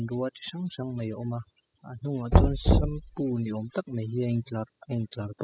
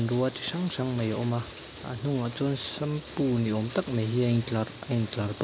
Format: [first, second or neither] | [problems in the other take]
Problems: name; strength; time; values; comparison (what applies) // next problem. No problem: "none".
second | noise reduction (classical method spectral subtraction)